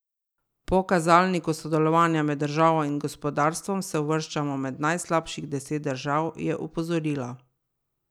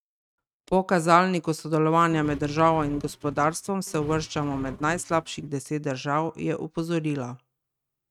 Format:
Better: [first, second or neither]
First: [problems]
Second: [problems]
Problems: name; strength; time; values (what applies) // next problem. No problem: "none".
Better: first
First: none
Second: noise reduction (neural mask model RNNoise)